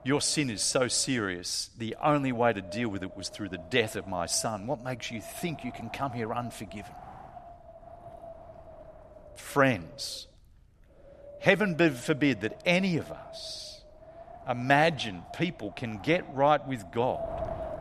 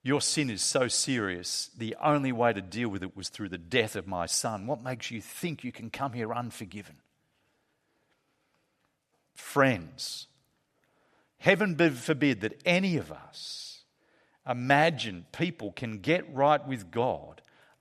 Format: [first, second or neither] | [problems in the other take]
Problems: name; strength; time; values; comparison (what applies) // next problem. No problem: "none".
second | wind noise on the microphone; occasional gusts; 15 dB below the speech